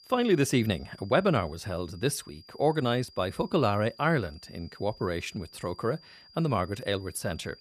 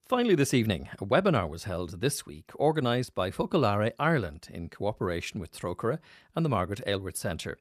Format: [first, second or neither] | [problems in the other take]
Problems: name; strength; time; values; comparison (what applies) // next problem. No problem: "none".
second | high-pitched whine; faint; throughout; 5 kHz, 25 dB below the speech